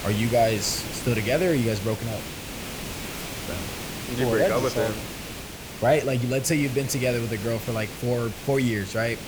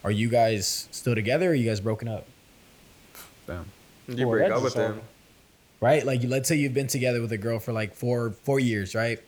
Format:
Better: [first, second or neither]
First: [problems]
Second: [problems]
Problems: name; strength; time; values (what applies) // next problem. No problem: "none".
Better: second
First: hiss; loud; throughout; 9 dB below the speech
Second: hiss; faint; throughout; 30 dB below the speech